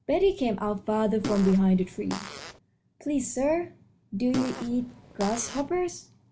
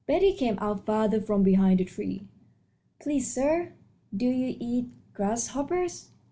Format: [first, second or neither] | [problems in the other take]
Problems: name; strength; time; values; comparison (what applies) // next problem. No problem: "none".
second | background sound (Fart); 10 dB below the speech